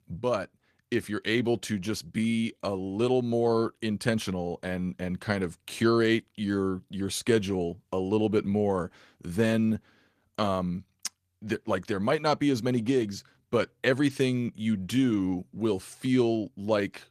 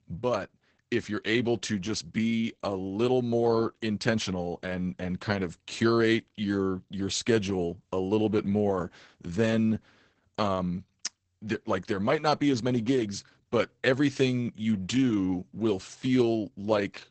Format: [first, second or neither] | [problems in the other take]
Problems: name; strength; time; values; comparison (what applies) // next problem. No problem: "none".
first | garbled, watery; badly; nothing above 8 kHz; slightly in the first